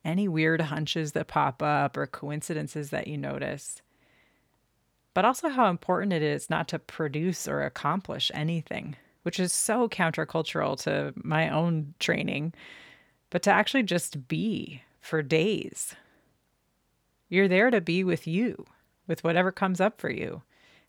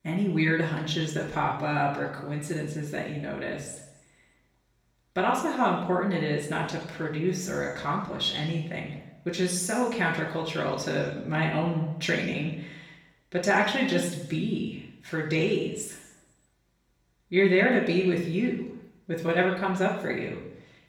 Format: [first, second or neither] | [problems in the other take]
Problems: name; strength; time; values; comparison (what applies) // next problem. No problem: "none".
first | room echo; noticeable; dies away in 0.8 s // off-mic speech; far